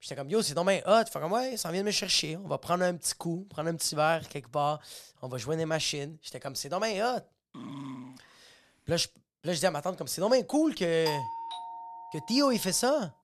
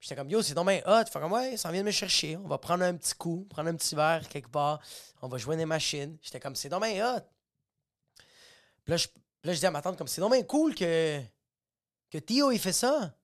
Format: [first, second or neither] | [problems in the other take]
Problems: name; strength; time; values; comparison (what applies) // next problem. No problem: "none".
second | dog barking; faint; at 7.5 s; peak 10 dB below the speech // doorbell; noticeable; from 11 to 12 s; peak 5 dB below the speech